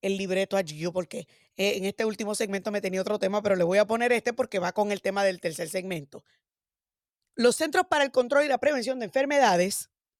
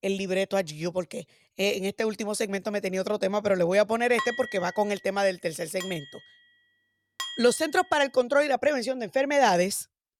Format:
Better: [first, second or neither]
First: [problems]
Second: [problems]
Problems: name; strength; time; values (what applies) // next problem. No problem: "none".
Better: first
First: none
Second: clattering dishes; noticeable; from 4 to 7.5 s; peak 6 dB below the speech